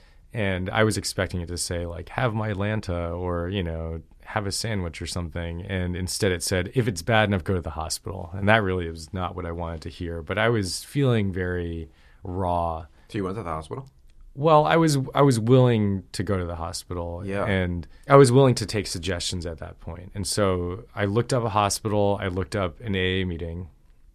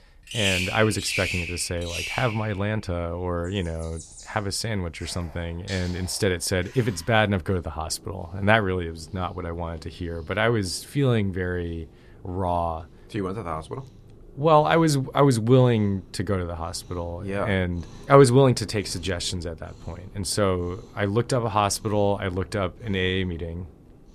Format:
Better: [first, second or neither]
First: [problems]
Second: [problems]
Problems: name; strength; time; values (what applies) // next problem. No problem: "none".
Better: first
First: none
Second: animal sounds; loud; throughout; 9 dB below the speech